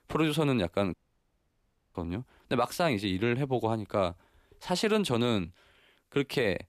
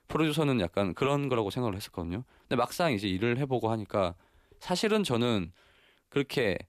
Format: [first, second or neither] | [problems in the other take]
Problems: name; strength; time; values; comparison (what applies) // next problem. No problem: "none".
second | audio cutting out; at 1 s for 1 s